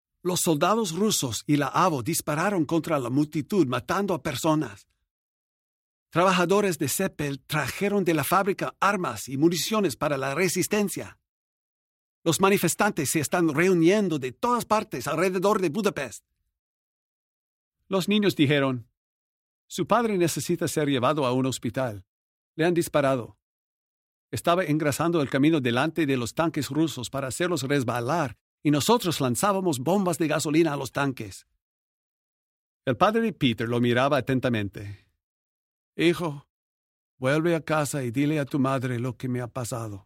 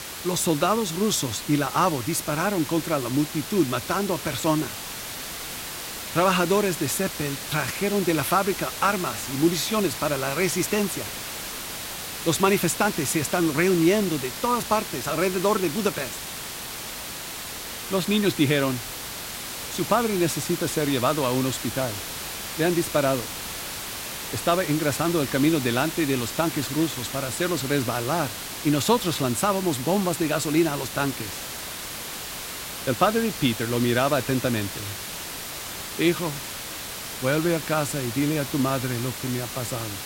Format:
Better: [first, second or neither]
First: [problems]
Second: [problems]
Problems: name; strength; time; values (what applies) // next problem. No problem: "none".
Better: first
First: none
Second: hiss; loud; throughout; 7 dB below the speech